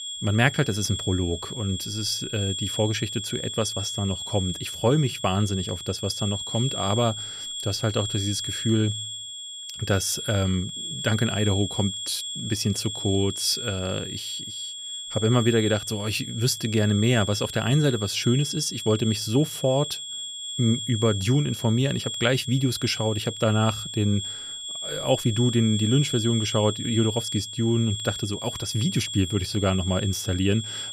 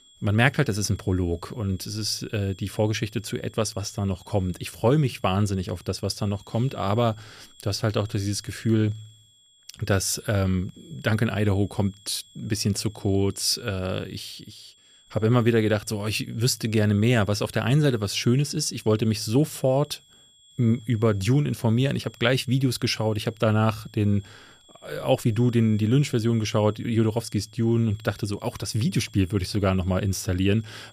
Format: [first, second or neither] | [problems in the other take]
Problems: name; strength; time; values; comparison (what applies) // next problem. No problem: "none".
second | high-pitched whine; loud; throughout; 3.5 kHz, 6 dB below the speech; faint in the second